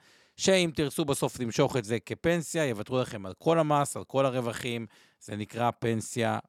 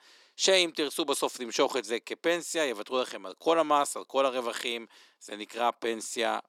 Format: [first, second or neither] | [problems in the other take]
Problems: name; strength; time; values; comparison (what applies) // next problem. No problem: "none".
first | thin; somewhat; fading below 300 Hz